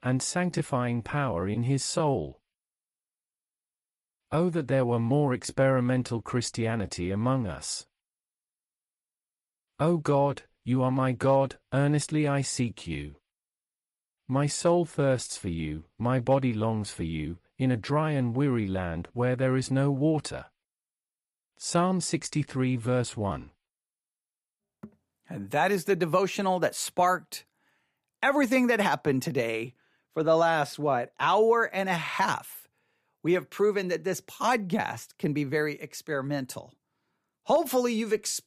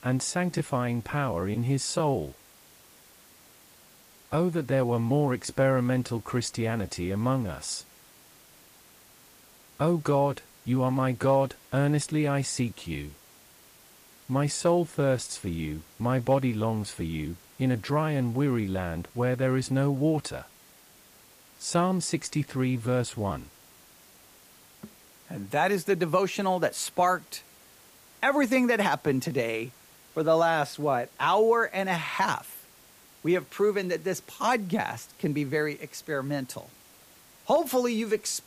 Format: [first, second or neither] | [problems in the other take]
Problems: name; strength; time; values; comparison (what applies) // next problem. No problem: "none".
first | hiss; faint; throughout; 25 dB below the speech